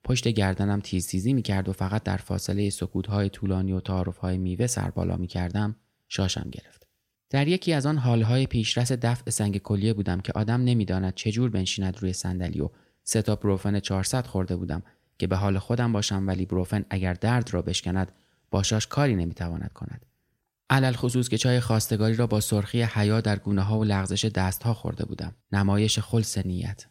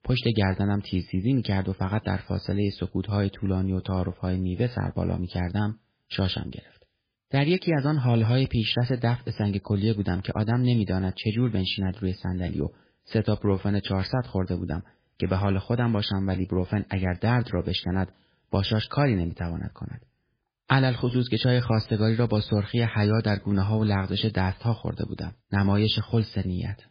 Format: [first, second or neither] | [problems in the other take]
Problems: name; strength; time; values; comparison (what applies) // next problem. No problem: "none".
first | garbled, watery; badly; nothing above 5 kHz